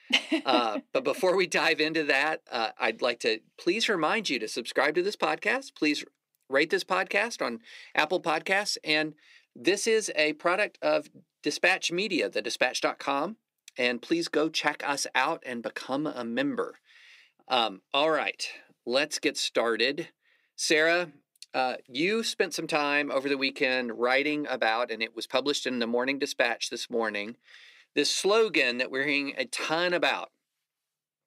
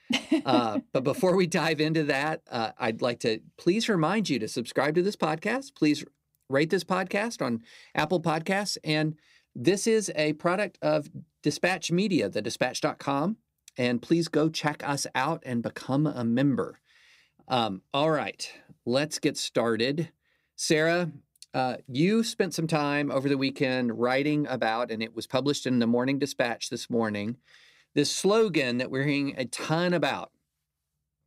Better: second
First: thin; somewhat; fading below 400 Hz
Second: none

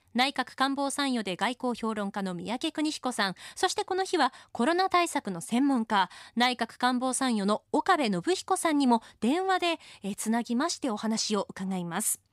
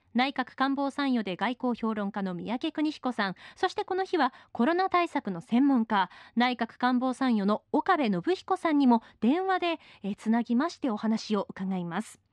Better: first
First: none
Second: muffled; slightly; fading above 3 kHz

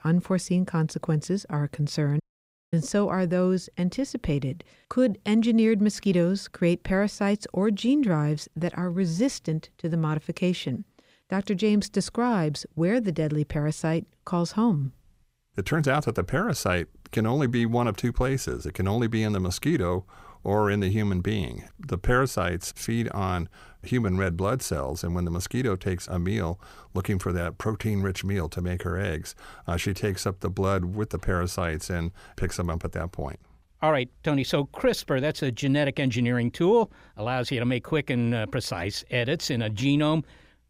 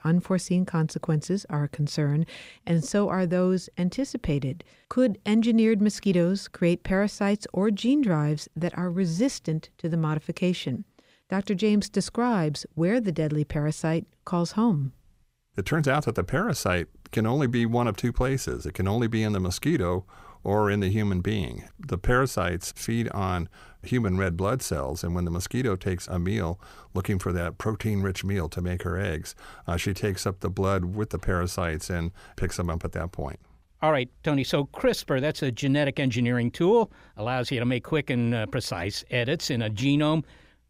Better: second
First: audio cutting out; at 2 s for 0.5 s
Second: none

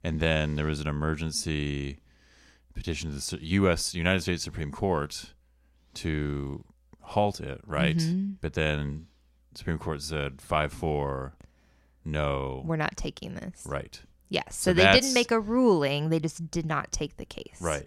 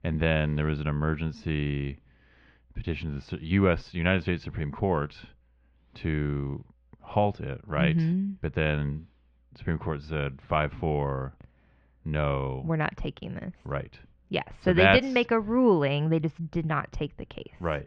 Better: first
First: none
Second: muffled; very; fading above 3 kHz

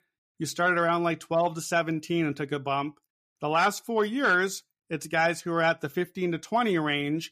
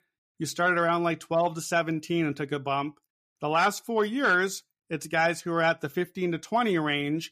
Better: neither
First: none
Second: none

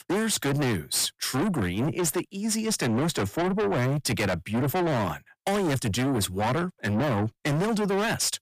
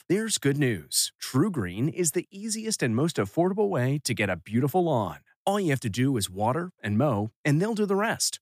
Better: second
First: distortion; heavy; 6 dB below the speech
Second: none

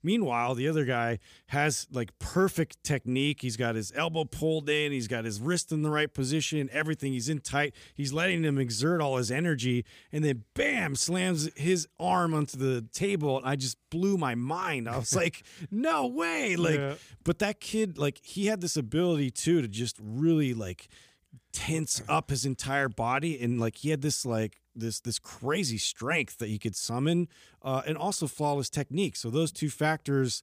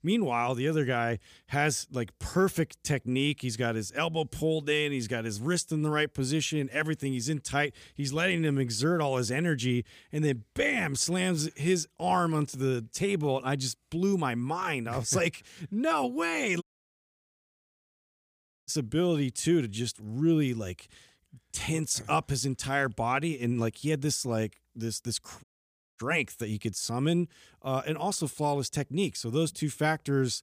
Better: first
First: none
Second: audio cutting out; at 17 s for 2 s and at 25 s for 0.5 s

